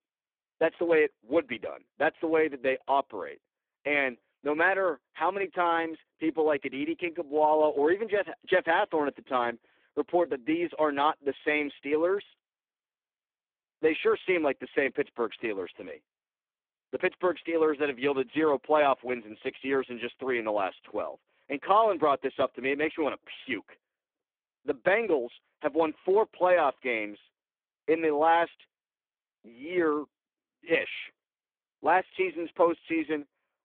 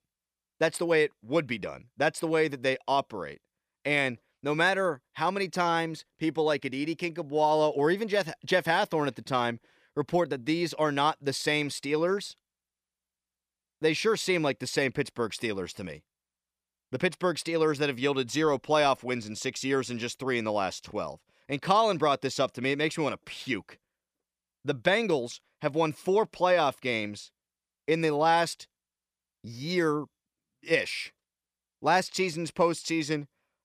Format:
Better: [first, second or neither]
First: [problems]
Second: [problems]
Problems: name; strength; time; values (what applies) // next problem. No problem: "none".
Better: second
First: phone-call audio; poor line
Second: none